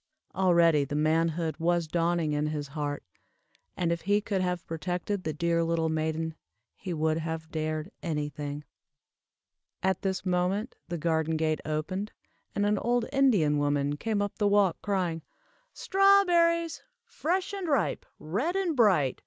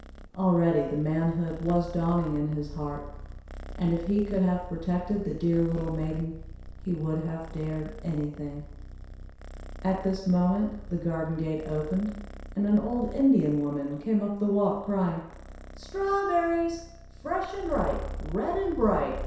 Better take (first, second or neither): first